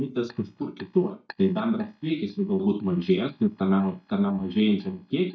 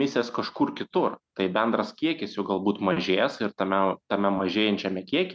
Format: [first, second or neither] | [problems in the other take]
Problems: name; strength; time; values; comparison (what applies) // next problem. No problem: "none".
second | noise reduction (neural mask model DeepFilterNet 3)